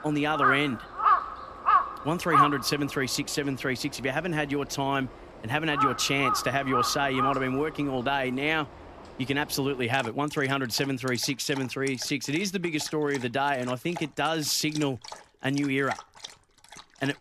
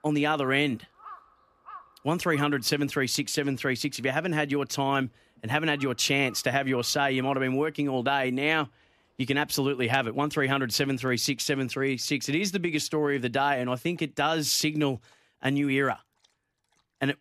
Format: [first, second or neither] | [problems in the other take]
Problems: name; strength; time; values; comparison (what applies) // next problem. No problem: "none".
second | animal sounds; loud; throughout; 1 dB below the speech; faint in the second